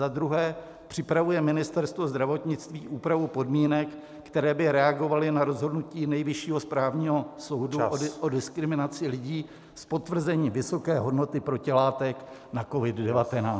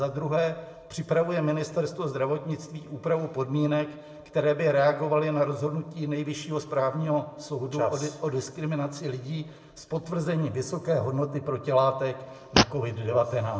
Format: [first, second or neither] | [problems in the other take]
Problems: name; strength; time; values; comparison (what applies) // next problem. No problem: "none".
first | background sound (Fart); 1 dB below the speech // room echo; dies away in 0.6 s